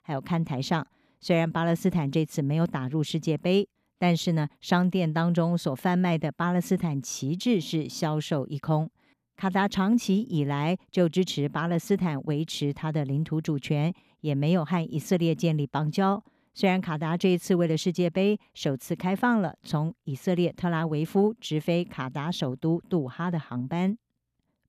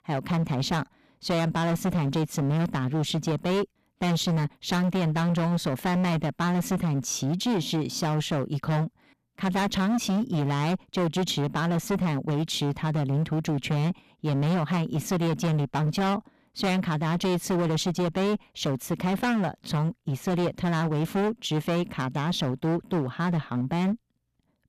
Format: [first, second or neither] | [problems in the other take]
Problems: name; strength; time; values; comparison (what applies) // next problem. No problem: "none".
first | distortion; heavy; 24% of the sound clipped